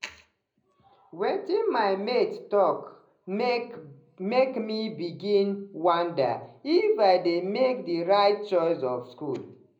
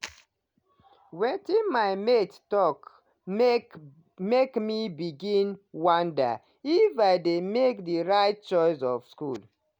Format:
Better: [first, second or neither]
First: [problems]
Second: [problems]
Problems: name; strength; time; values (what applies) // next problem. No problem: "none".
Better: second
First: room echo; dies away in 0.4 s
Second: none